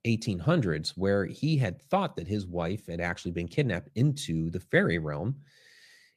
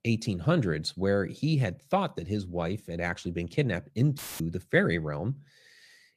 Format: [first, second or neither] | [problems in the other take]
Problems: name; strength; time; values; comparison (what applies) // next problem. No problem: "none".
first | audio cutting out; filled with static; at 4 s